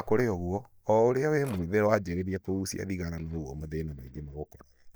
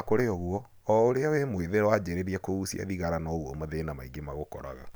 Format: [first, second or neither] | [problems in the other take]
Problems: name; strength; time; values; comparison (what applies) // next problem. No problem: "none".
second | noise reduction (neural mask model DeepFilterNet 3)